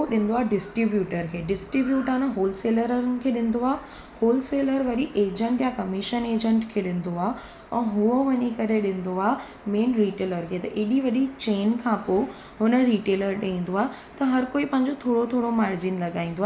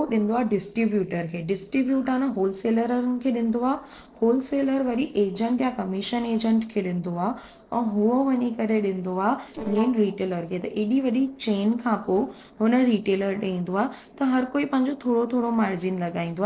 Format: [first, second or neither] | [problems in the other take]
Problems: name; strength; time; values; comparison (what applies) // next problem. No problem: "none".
first | noise reduction (neural separator model SepFormer DNS4)